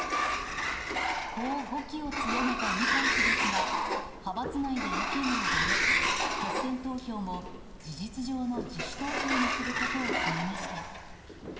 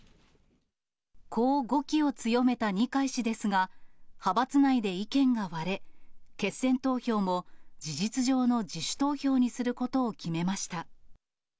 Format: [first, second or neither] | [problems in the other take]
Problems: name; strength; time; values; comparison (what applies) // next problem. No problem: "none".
second | background sound (Sliding door); 4 dB above the speech // room echo; dies away in 2.6 s